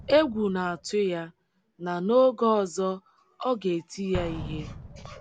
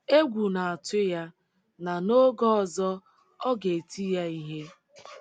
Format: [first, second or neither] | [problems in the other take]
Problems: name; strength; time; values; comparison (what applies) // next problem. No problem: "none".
second | background sound (Explosion); 16 dB below the speech